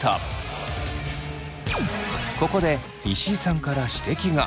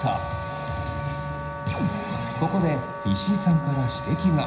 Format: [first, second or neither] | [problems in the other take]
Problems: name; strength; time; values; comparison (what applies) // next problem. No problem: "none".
first | background sound (Wind instrument, woodwind instrument); 9 dB below the speech // room echo; dies away in 0.9 s